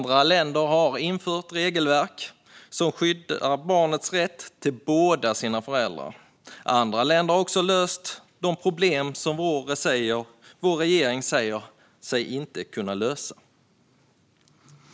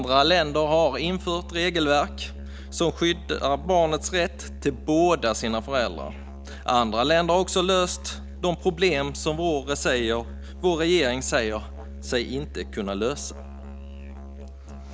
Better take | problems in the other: first | background sound (Musical instrument); 13 dB below the speech

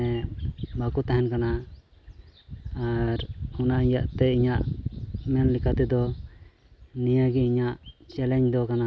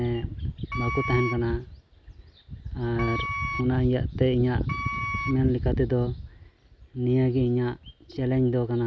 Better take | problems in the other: first | background sound (Wind instrument, woodwind instrument); 8 dB below the speech

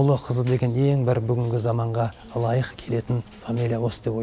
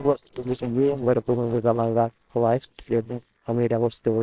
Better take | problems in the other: first | noise reduction (neural separator model SepFormer WHAMR!)

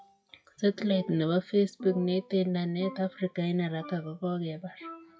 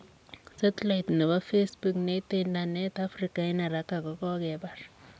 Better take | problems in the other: second | noise reduction (classical method WPE with log-MMSE)

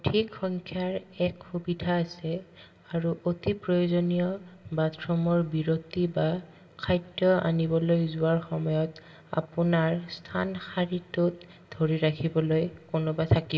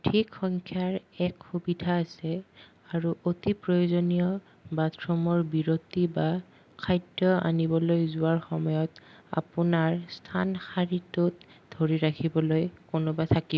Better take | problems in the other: second | room echo; dies away in 0.9 s

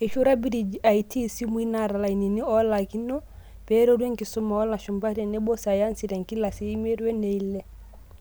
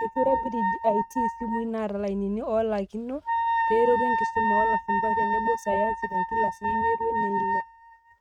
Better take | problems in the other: first | noise reduction (neural mask model RNNoise)

